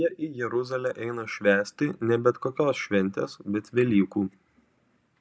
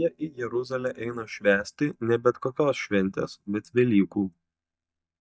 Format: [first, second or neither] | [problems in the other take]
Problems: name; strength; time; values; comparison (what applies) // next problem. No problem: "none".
first | noise reduction (neural mask model DeepFilterNet 3)